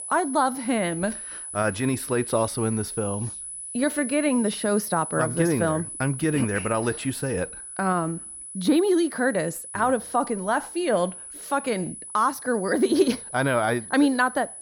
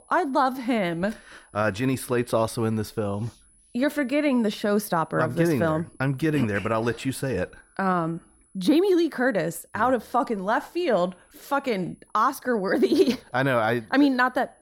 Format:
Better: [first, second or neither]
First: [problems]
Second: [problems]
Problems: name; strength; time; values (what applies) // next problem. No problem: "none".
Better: second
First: high-pitched whine; loud; throughout; 10 kHz, 9 dB below the speech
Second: high-pitched whine; faint; throughout; 10 kHz, 35 dB below the speech